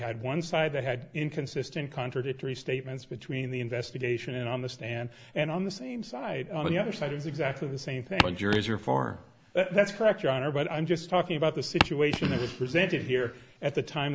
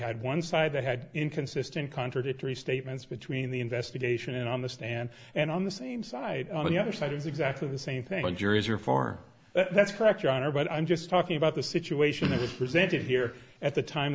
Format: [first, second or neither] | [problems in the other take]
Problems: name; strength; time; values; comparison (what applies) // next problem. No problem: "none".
second | background sound (Walk, footsteps); 2 dB above the speech